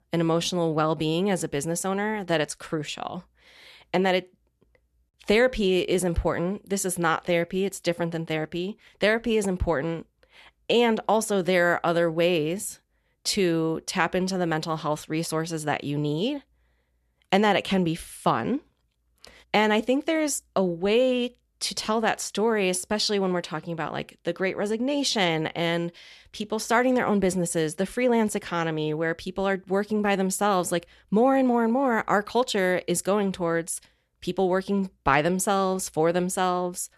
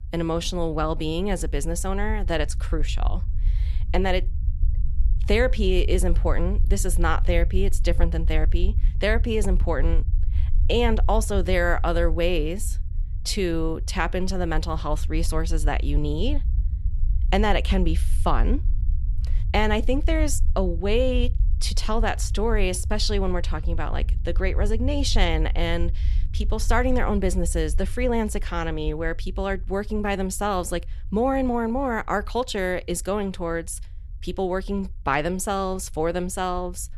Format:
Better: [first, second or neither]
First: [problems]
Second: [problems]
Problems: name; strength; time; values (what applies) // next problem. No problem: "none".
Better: first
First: none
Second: low rumble; faint; throughout; 20 dB below the speech